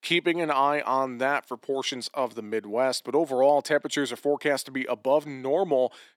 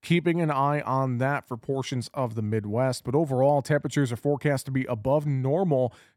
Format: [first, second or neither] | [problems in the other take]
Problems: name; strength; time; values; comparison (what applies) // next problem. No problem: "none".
second | thin; somewhat; fading below 300 Hz